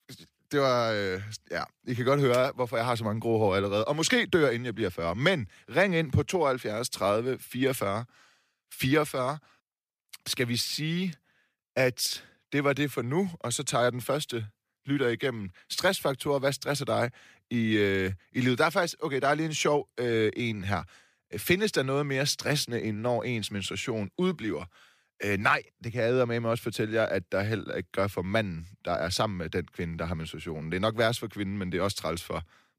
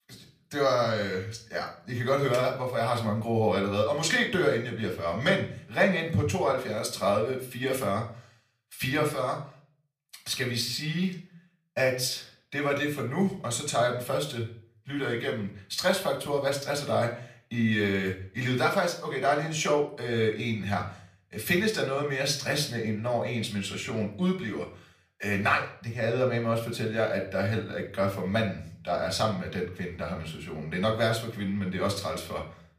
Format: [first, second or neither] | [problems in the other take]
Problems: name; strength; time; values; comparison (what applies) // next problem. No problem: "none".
first | room echo; slight; dies away in 0.4 s // off-mic speech; somewhat distant